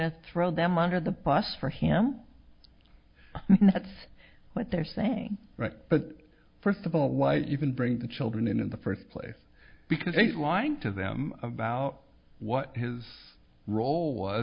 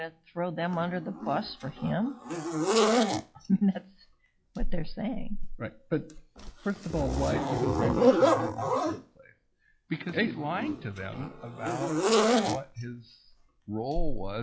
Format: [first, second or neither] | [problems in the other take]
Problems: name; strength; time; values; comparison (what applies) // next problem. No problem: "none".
first | noise reduction (classical method log-MMSE)